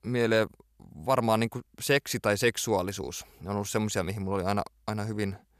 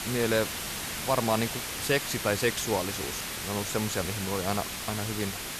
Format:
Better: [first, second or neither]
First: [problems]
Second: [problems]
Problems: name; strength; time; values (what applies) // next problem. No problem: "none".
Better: first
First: none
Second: hiss; loud; throughout; 2 dB below the speech